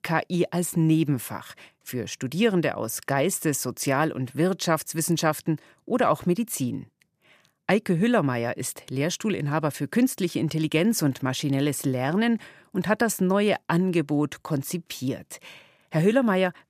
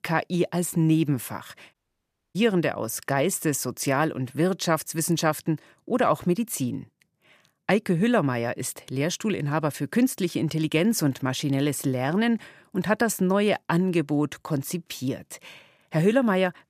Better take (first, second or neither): first